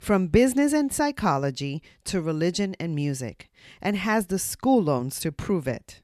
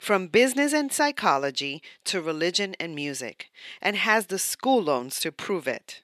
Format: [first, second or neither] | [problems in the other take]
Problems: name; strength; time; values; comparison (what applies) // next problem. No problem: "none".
first | thin; somewhat; fading below 350 Hz